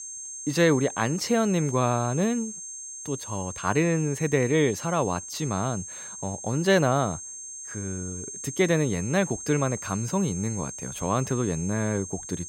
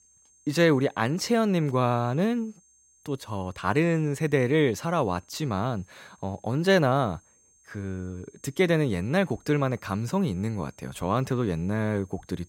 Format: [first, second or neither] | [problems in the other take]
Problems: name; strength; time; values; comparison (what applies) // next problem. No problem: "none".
second | high-pitched whine; loud; throughout; 6.5 kHz, 10 dB below the speech; faint in the second